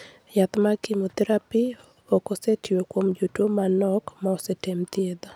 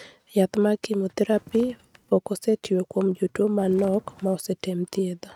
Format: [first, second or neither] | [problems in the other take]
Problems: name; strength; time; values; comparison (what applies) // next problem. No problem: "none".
first | noise reduction (neural mask model RNNoise)